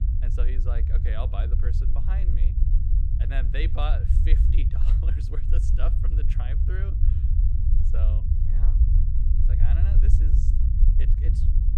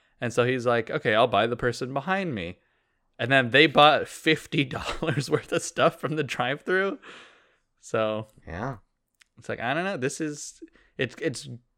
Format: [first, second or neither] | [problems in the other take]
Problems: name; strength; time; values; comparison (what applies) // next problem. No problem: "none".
second | low rumble; loud; throughout; 2 dB below the speech